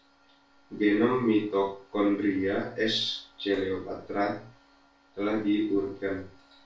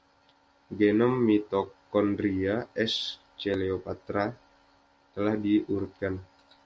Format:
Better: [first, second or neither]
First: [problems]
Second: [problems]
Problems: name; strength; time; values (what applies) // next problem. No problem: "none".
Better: second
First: room echo; dies away in 0.3 s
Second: none